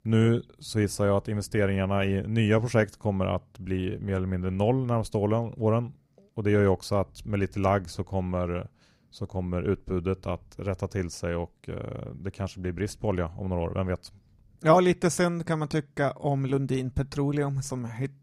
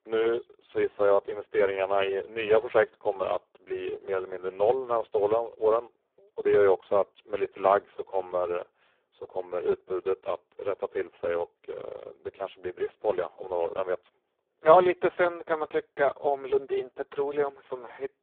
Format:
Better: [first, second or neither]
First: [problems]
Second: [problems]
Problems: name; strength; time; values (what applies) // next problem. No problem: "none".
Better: first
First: none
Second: phone-call audio; poor line